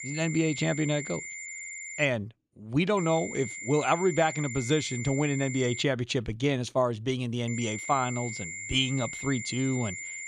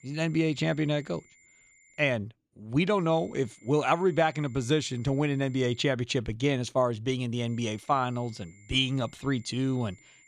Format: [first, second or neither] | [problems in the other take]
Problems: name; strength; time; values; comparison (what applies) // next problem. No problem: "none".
second | high-pitched whine; loud; until 2 s, from 3 to 6 s and from 7.5 s on; 2 kHz, 8 dB below the speech; faint in the second